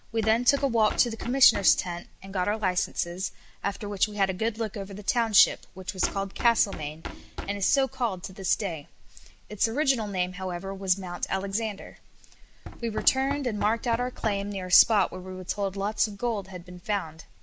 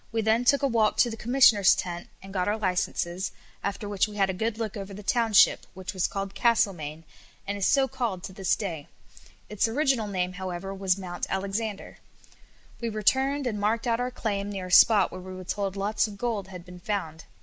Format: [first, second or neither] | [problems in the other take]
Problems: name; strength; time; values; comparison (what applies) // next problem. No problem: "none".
second | background sound (Knock); 15 dB below the speech